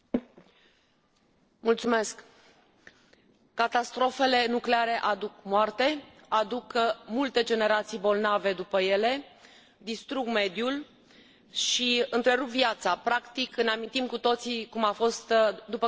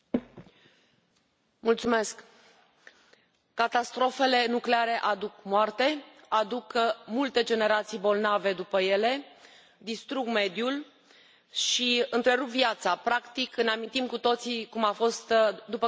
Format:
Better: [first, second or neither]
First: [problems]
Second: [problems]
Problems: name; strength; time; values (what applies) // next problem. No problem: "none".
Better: second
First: noise reduction (neural separator model SepFormer DNS4)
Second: none